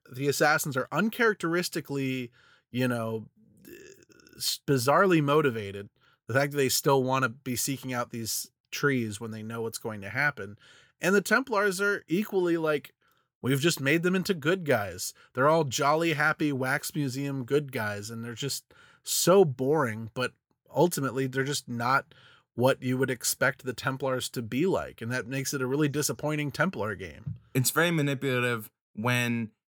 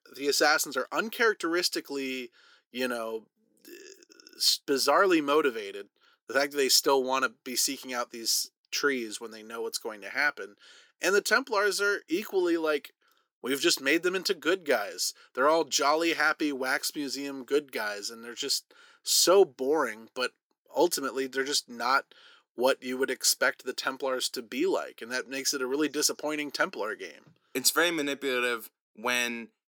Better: first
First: none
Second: thin; somewhat; fading below 300 Hz

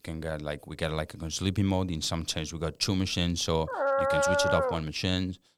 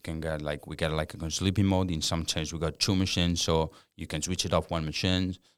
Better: second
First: dog barking; loud; from 3.5 to 5 s; peak 5 dB above the speech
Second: none

